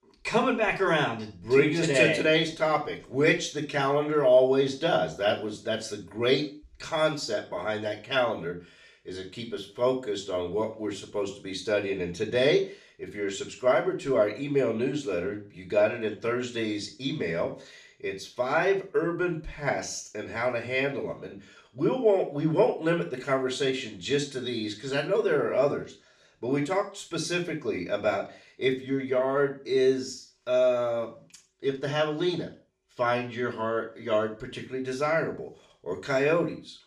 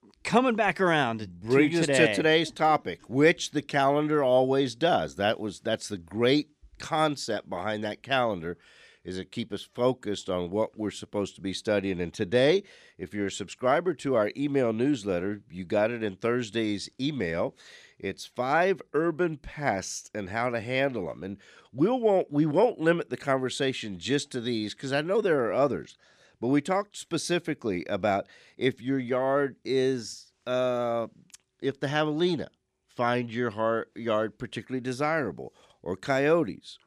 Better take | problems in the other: second | room echo; slight; dies away in 0.3 s // off-mic speech; far

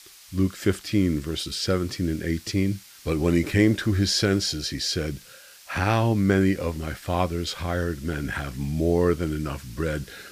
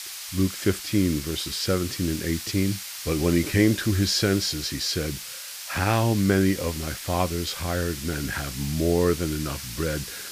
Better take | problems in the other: first | hiss; loud; throughout; 8 dB below the speech; faint in the first

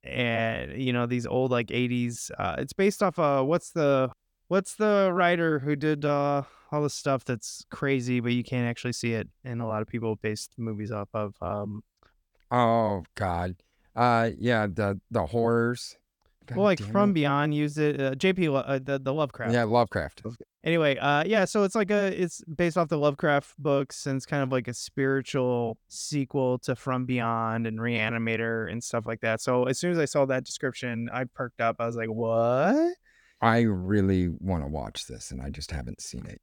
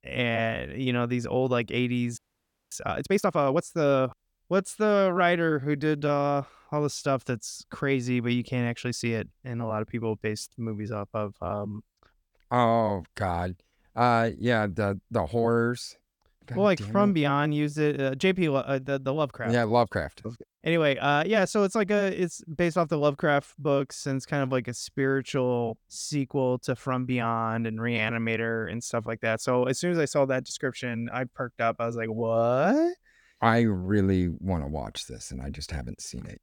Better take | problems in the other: first | audio freezing; at 2 s for 0.5 s

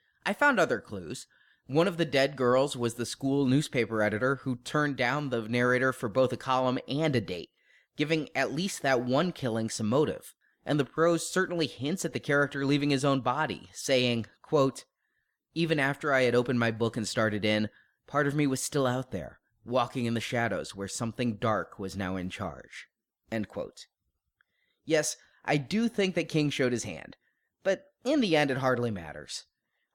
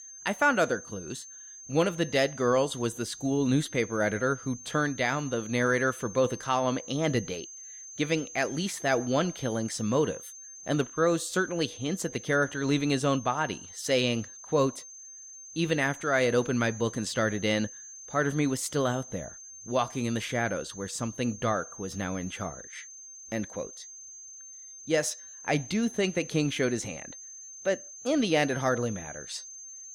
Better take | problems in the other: first | high-pitched whine; noticeable; throughout; 6.5 kHz, 15 dB below the speech

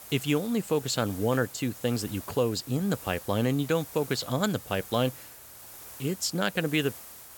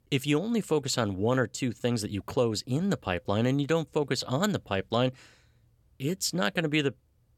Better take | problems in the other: second | hiss; noticeable; throughout; 15 dB below the speech

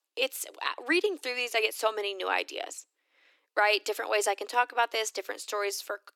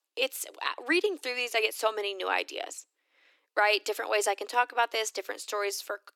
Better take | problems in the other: neither | thin; somewhat; fading below 300 Hz; the same in both

